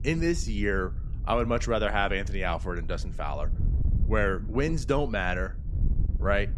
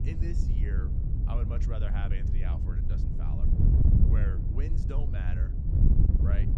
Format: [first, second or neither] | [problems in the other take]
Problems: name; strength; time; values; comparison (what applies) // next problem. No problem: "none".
first | wind noise on the microphone; heavy; 3 dB above the speech; occasional gusts in the first